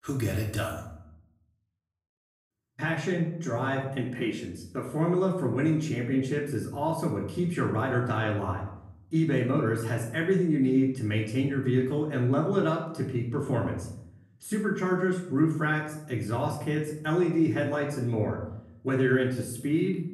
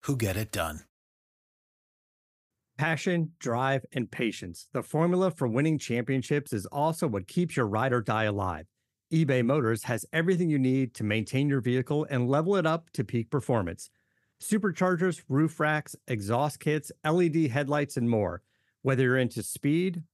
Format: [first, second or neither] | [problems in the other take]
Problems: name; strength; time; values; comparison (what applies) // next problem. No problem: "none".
second | room echo; noticeable; dies away in 0.7 s // off-mic speech; far